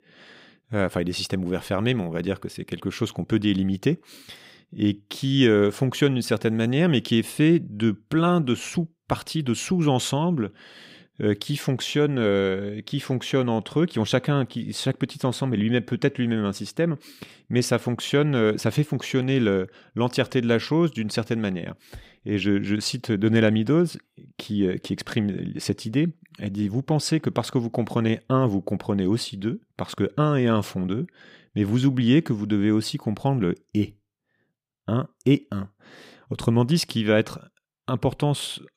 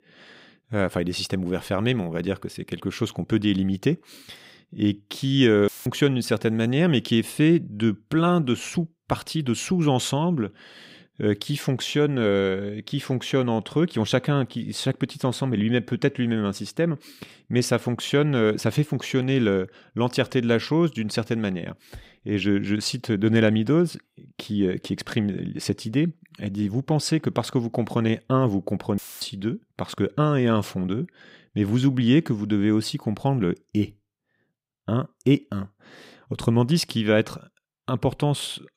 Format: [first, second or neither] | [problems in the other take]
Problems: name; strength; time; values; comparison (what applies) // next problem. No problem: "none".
first | audio cutting out; filled with static; at 5.5 s and at 29 s